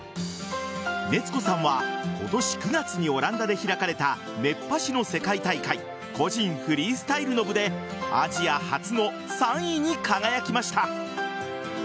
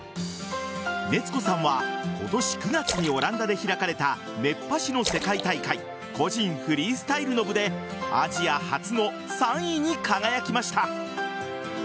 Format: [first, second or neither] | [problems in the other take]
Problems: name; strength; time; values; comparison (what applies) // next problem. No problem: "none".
first | background sound (Splash, splatter); 11 dB below the speech